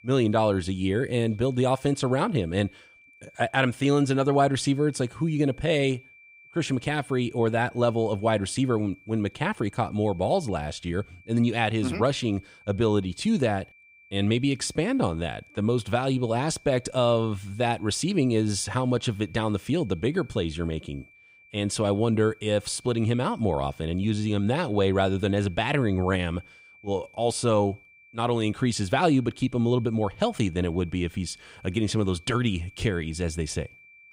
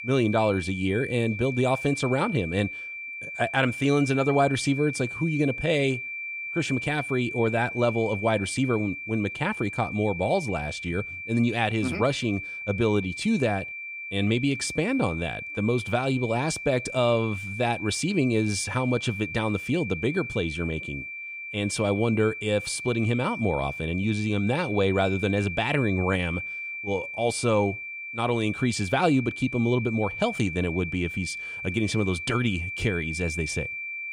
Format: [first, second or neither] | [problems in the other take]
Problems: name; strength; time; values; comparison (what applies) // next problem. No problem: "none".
first | high-pitched whine; loud; throughout; 2.5 kHz, 7 dB below the speech; faint in the first